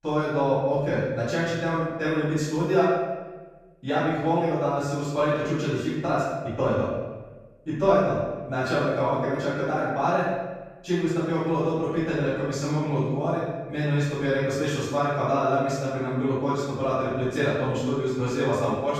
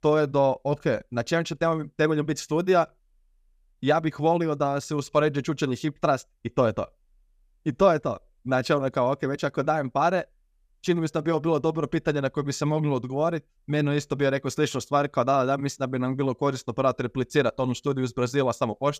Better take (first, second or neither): second